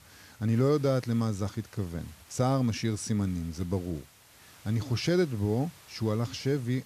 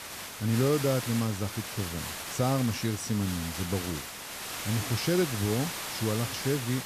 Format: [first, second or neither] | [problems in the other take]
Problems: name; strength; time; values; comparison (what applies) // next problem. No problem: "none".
first | hiss; loud; throughout; 5 dB below the speech; faint in the first